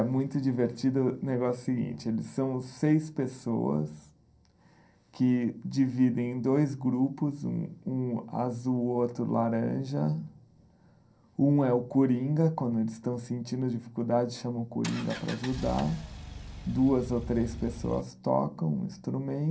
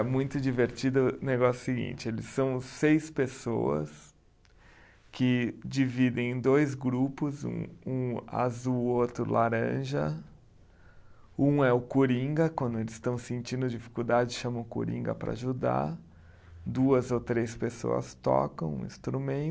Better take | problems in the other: second | background sound (Engine); 11 dB below the speech // room echo; dies away in 0.3 s

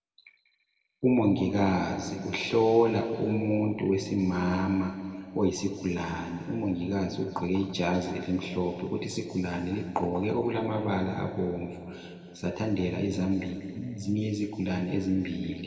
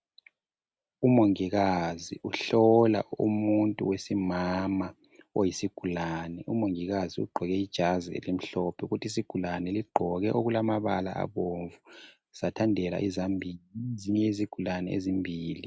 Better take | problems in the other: second | room echo; dies away in 2.2 s

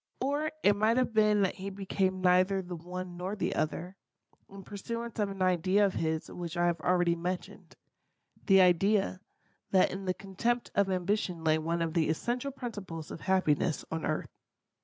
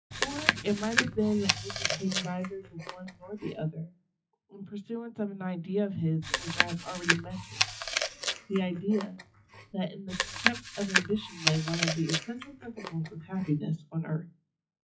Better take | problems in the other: first | noise reduction (classical method WPE with log-MMSE)

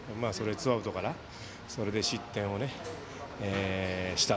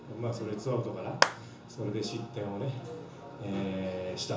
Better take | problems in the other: first | background sound (Clapping); 1 dB above the speech // room echo; dies away in 0.6 s

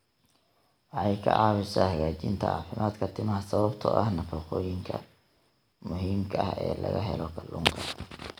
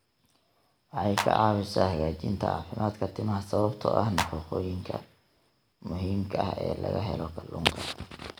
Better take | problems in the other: first | background sound (Clapping); 4 dB below the speech

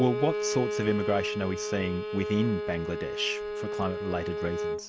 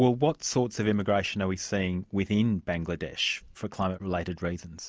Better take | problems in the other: second | background sound (Bowed string instrument); 2 dB below the speech

